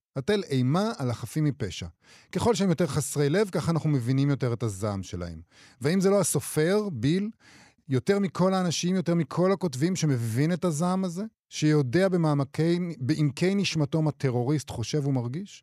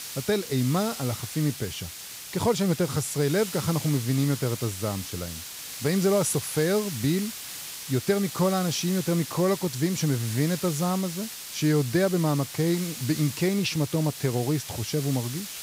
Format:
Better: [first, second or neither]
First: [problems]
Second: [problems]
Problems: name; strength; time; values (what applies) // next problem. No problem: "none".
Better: first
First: none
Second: hiss; loud; throughout; 9 dB below the speech